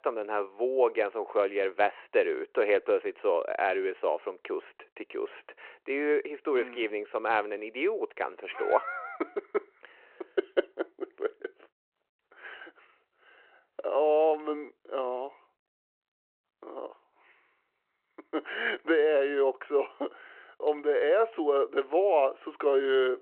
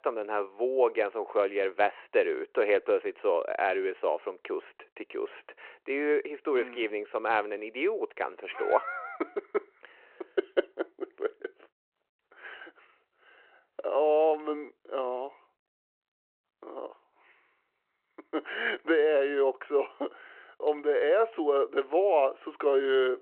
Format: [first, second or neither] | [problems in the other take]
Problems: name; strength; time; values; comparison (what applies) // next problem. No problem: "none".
neither | phone-call audio; the same in both